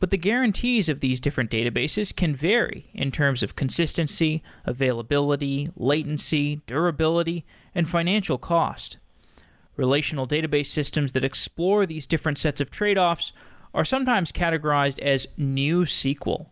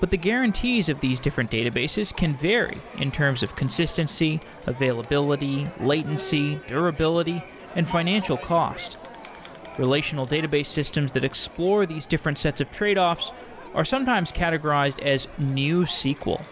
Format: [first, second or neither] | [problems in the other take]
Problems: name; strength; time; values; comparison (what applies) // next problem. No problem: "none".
first | background sound (Crowd); 17 dB below the speech